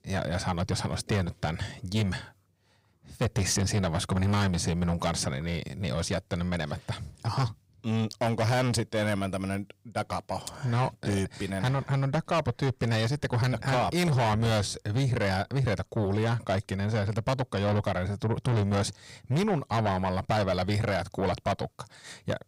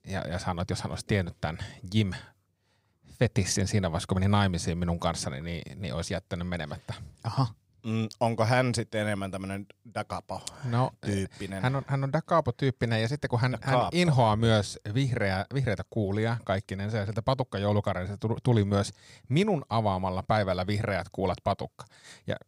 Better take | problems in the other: second | distortion; heavy; 8 dB below the speech

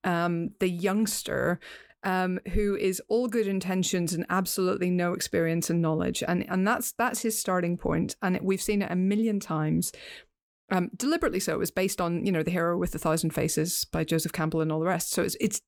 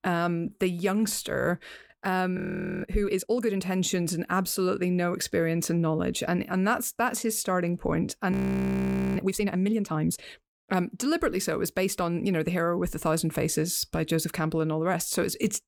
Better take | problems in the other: first | audio freezing; at 2.5 s and at 8.5 s for 1 s

